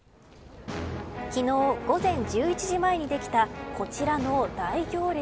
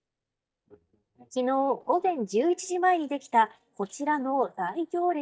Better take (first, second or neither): first